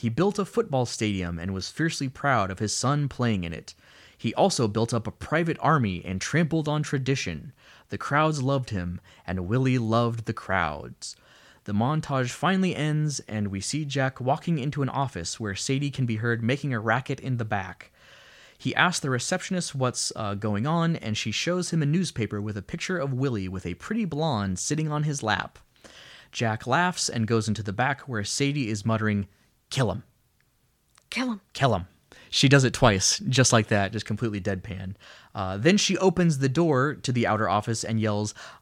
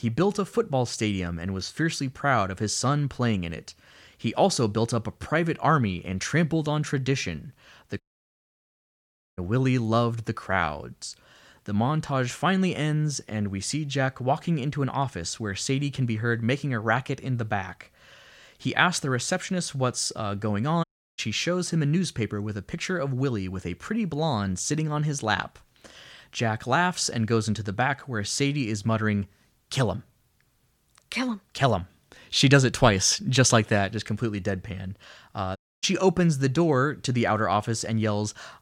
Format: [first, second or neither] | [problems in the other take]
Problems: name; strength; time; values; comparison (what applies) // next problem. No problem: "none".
first | audio cutting out; at 8 s for 1.5 s, at 21 s and at 36 s